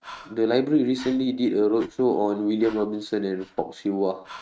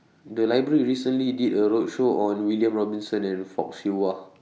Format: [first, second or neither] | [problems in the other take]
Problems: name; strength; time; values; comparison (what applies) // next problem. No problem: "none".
second | noise reduction (neural mask model RNNoise)